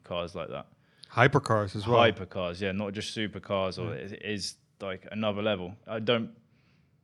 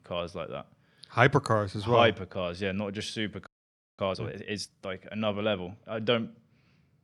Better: first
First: none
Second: audio freezing; at 3.5 s for 0.5 s

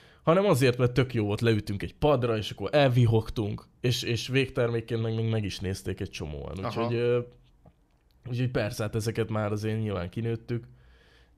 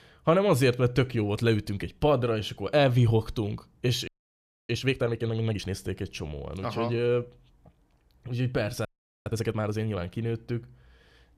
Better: first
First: none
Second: audio freezing; at 4 s for 0.5 s and at 9 s

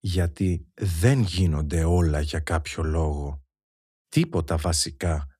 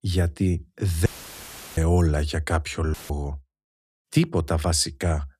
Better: first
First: none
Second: audio cutting out; filled with static; at 1 s for 0.5 s and at 3 s

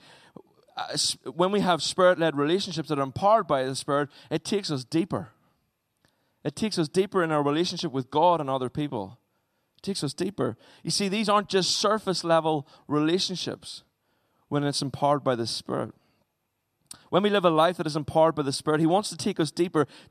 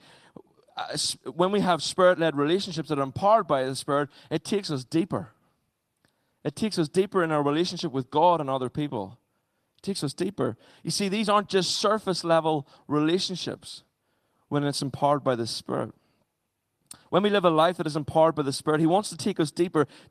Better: first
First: none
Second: garbled, watery; slightly; nothing above 13.5 kHz

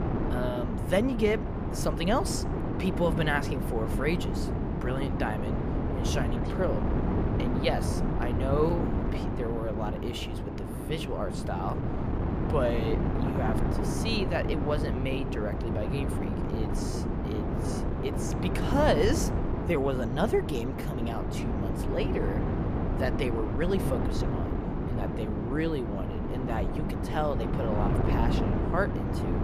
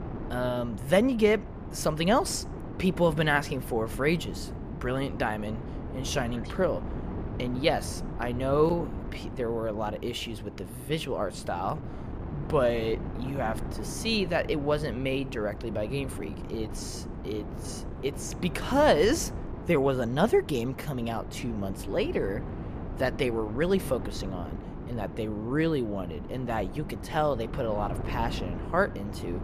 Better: second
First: wind noise on the microphone; heavy; 3 dB below the speech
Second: wind noise on the microphone; occasional gusts; 15 dB below the speech

